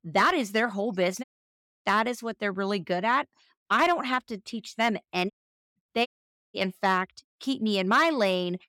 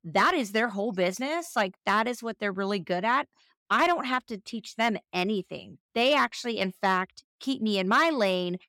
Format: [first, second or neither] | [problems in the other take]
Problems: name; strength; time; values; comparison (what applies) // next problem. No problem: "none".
second | audio cutting out; at 1 s for 0.5 s, at 5.5 s and at 6 s